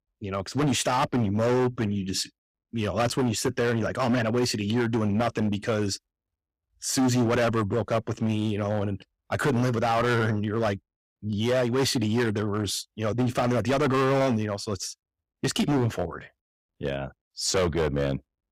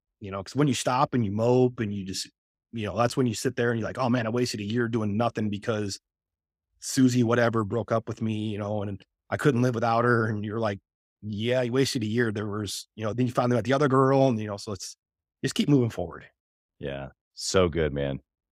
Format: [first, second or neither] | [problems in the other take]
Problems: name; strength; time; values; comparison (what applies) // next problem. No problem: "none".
second | distortion; heavy; 12% of the sound clipped